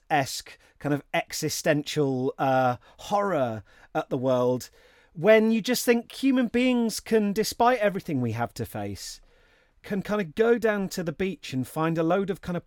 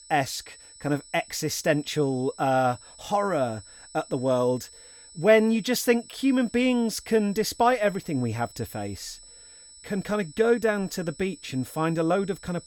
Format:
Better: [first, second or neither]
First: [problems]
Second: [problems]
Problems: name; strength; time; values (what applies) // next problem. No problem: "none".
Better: first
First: none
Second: high-pitched whine; faint; throughout; 8 kHz, 20 dB below the speech